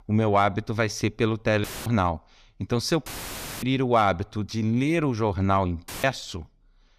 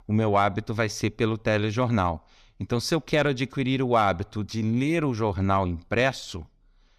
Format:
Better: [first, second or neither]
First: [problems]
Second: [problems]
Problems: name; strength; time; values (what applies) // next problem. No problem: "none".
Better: second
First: audio cutting out; filled with static; at 1.5 s, at 3 s for 0.5 s and at 6 s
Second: none